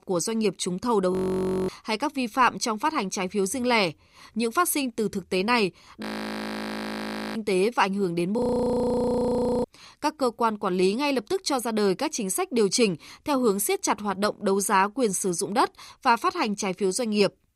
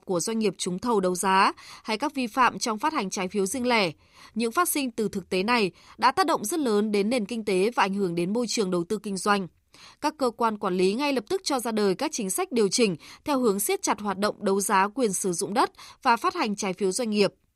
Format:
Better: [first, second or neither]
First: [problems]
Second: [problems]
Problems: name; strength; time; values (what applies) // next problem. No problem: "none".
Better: second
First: audio freezing; at 1 s for 0.5 s, at 6 s for 1.5 s and at 8.5 s for 1.5 s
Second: none